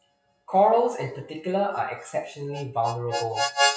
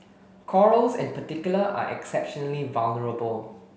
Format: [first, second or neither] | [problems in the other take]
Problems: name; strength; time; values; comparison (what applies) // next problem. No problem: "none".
second | noise reduction (classical method WPE with log-MMSE)